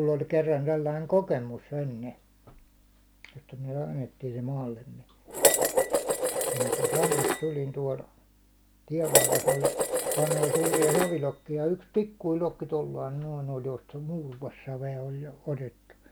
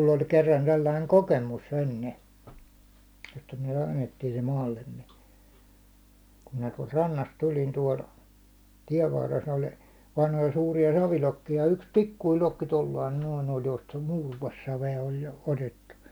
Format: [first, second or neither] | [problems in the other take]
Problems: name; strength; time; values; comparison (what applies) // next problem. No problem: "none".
second | background sound (Dishes, pots, and pans); 5 dB above the speech